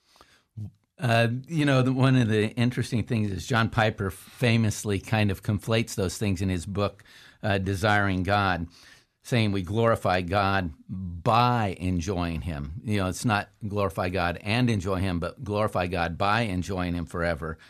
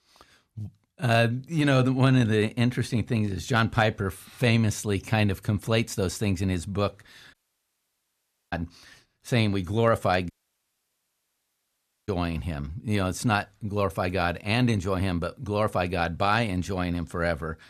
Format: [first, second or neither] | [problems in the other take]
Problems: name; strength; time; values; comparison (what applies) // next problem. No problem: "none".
first | audio cutting out; at 7.5 s for 1 s and at 10 s for 2 s